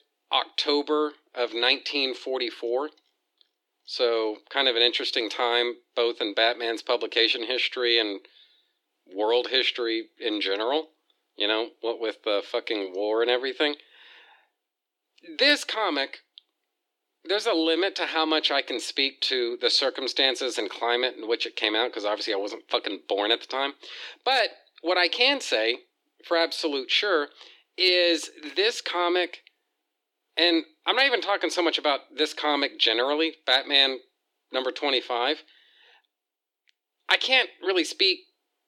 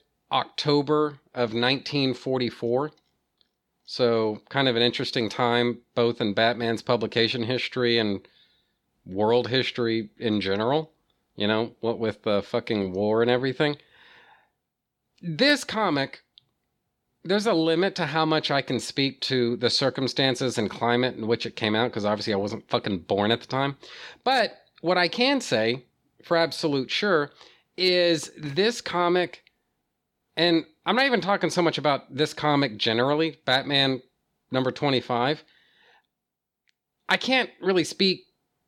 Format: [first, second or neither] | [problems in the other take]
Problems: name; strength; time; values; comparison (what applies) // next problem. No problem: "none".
second | thin; somewhat; fading below 300 Hz